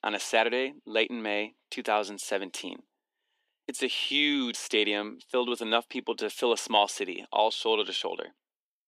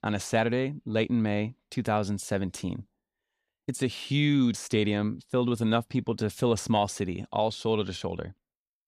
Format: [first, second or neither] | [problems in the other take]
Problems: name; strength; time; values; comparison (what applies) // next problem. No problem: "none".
second | thin; somewhat; fading below 300 Hz